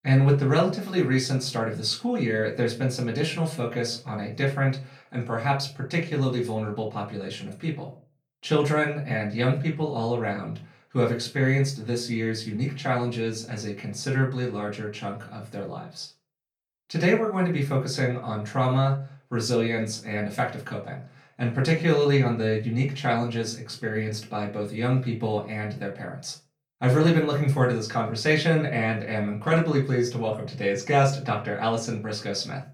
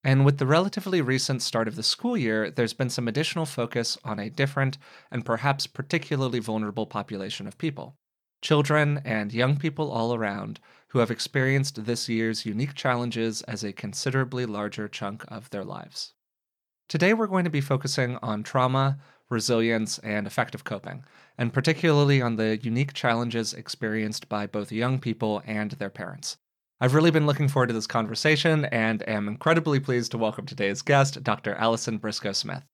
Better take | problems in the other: second | off-mic speech; far // room echo; slight; dies away in 0.3 s

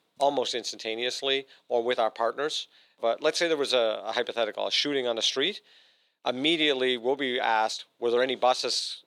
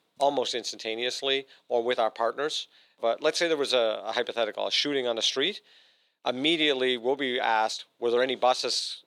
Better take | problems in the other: neither | thin; somewhat; fading below 500 Hz; the same in both

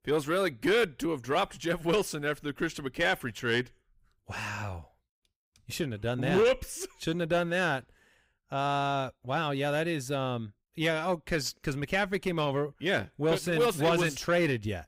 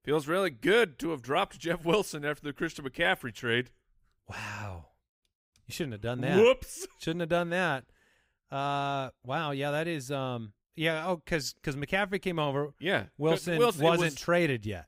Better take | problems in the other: second | distortion; slight; 10 dB below the speech

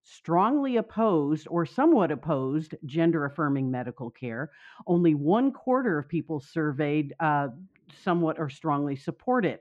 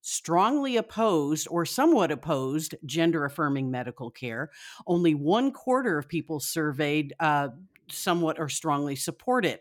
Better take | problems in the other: second | muffled; very; fading above 2 kHz

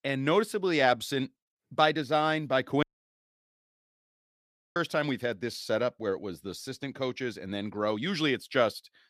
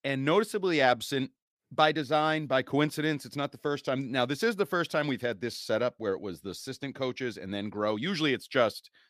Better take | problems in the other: second | audio cutting out; at 3 s for 2 s

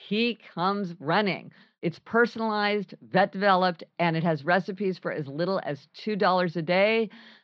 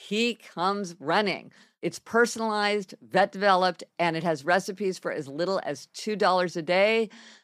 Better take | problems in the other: second | muffled; very slightly; fading above 4 kHz

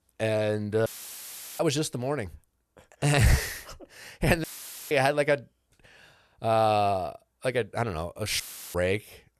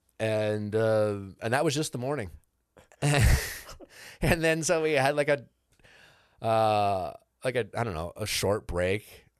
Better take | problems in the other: second | audio cutting out; filled with static; at 1 s for 0.5 s, at 4.5 s and at 8.5 s

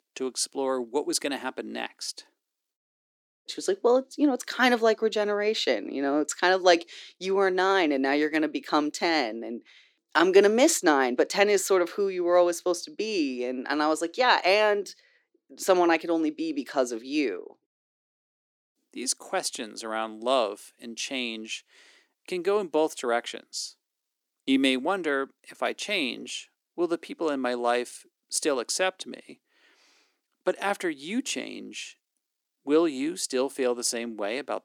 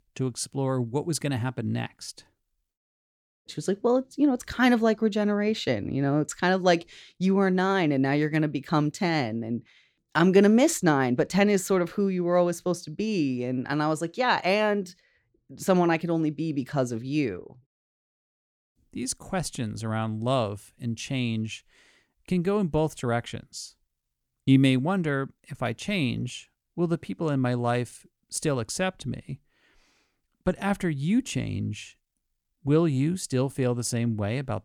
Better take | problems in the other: second | thin; somewhat; fading below 300 Hz

